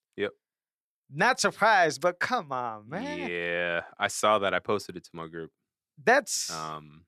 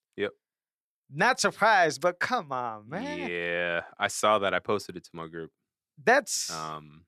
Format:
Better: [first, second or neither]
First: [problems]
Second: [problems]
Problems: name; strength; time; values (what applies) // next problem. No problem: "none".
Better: neither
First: none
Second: none